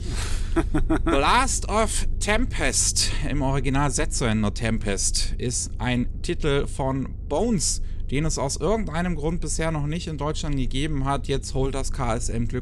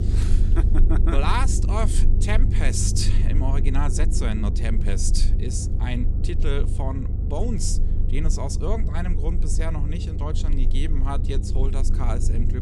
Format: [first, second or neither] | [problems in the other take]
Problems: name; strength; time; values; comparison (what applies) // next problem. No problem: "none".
first | low rumble; loud; throughout; 8 dB below the speech; faint in the first